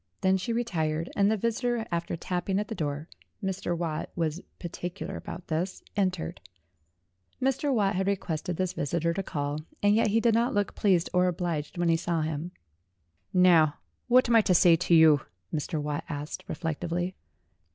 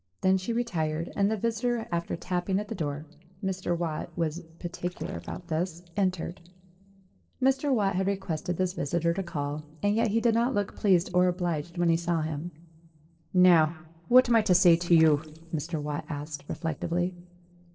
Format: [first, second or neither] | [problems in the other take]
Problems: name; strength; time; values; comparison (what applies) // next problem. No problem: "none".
first | noise reduction (neural separator model SepFormer DNS4)